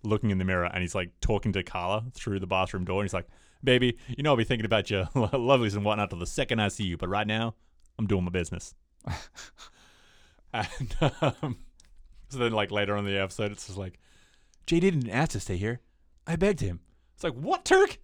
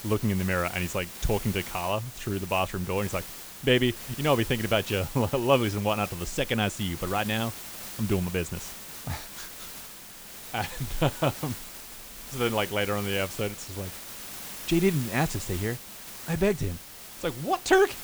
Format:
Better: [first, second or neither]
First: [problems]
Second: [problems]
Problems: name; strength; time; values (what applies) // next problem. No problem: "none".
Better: first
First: none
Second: hiss; noticeable; throughout; 10 dB below the speech